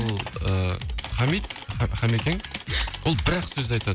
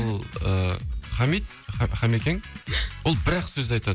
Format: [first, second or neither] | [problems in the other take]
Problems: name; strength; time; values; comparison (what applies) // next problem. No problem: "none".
second | background sound (Typing); 12 dB below the speech